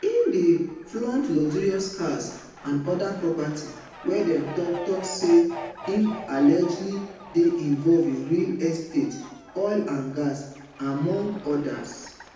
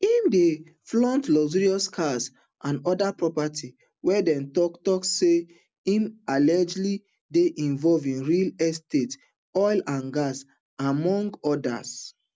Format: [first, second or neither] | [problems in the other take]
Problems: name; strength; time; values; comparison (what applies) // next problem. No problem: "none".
second | background sound (Fowl); 18 dB below the speech // room echo; dies away in 0.9 s